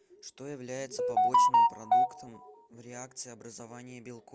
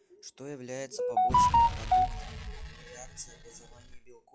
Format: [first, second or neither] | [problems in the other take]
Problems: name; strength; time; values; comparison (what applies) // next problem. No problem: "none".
first | noise reduction (classical method log-MMSE)